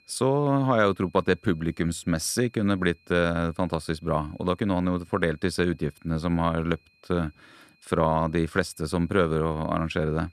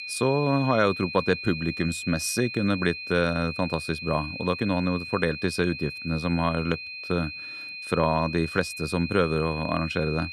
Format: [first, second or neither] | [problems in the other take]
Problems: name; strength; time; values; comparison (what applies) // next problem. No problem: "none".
first | high-pitched whine; loud; throughout; 2.5 kHz, 8 dB below the speech; faint in the first